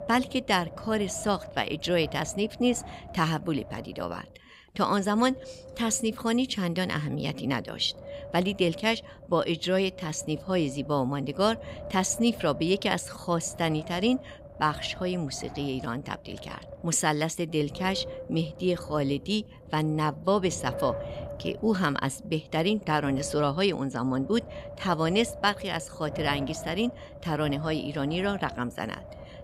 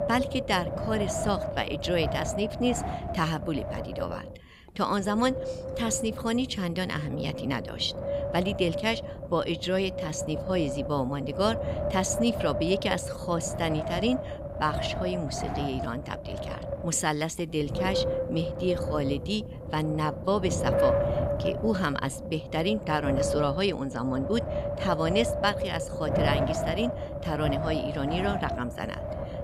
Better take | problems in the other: first | wind noise on the microphone; heavy; 2 dB below the speech; occasional gusts in the first

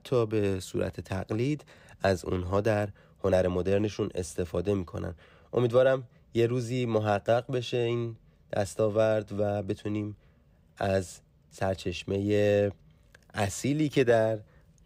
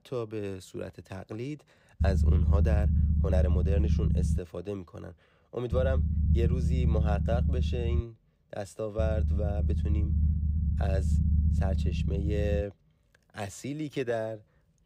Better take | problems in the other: first | low rumble; loud; from 2 to 4.5 s, from 5.5 to 8 s and from 9 to 13 s; 6 dB below the speech

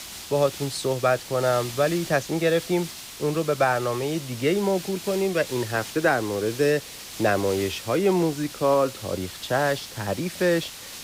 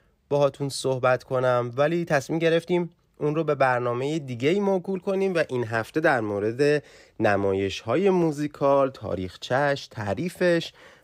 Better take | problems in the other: second | hiss; noticeable; throughout; 10 dB below the speech

